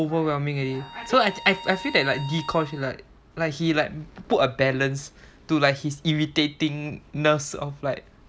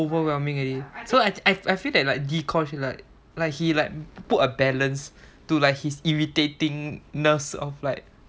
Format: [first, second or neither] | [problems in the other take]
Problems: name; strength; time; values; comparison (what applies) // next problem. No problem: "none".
second | background sound (Bowed string instrument); 16 dB below the speech